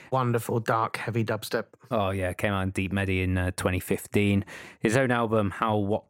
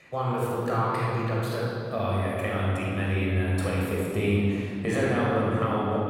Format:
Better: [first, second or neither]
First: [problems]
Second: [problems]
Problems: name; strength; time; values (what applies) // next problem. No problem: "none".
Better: first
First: none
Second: off-mic speech; far // room echo; strong; dies away in 2.7 s